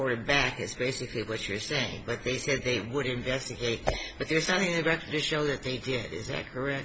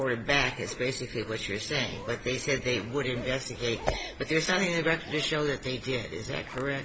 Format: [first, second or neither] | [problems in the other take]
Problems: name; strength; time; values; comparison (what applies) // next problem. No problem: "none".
first | background sound (Zipper (clothing)); 17 dB below the speech